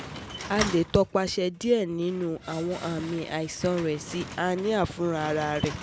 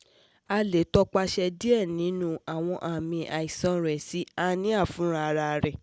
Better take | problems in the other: second | background sound (Slam); 12 dB below the speech

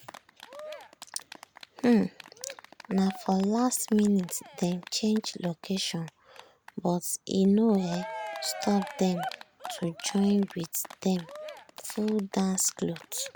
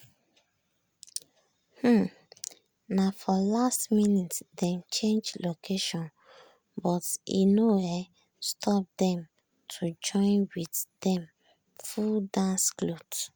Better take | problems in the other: second | background sound (Cheering); 15 dB below the speech

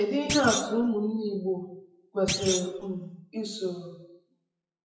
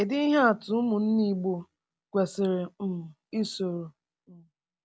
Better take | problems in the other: second | noise reduction (classical method WPE with log-MMSE)

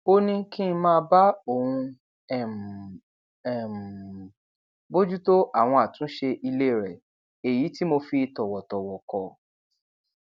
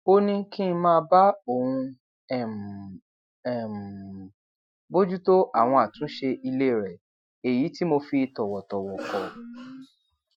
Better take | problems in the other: first | noise reduction (classical method Wiener filter)

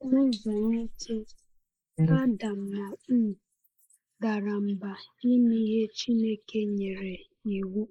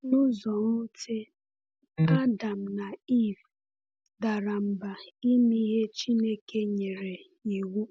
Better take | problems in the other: second | noise reduction (neural mask model Resemble Enhance denoiser)

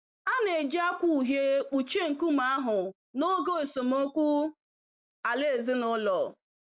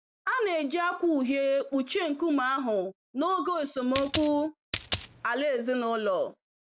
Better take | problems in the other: first | background sound (Coin (dropping)); 7 dB below the speech

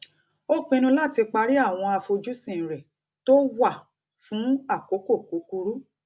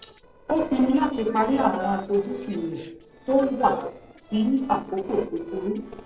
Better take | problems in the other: first | noise reduction (neural separator model SepFormer DNS4)

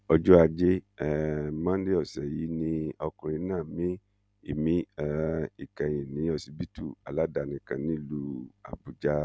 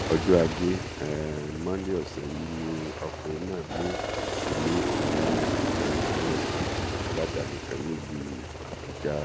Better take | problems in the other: first | background sound (Aircraft); as loud as the speech

